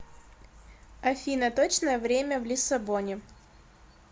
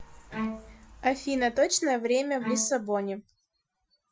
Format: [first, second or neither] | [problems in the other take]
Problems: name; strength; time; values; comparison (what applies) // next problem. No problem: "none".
first | noise reduction (classical method Wiener filter)